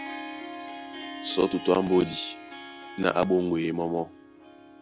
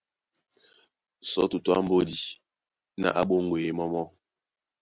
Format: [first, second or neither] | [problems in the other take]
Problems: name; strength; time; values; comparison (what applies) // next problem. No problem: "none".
second | background sound (Harp); 12 dB below the speech